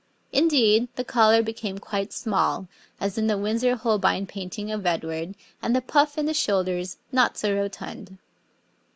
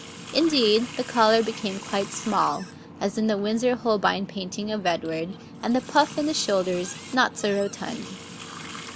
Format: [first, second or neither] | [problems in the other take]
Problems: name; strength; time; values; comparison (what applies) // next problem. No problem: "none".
first | background sound (Water tap, faucet); 14 dB below the speech